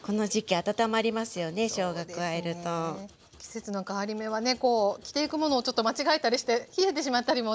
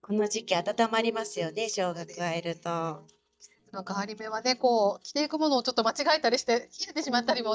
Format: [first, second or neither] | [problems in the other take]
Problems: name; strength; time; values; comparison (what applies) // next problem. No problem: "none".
first | noise reduction (neural mask model DeepFilterNet 3)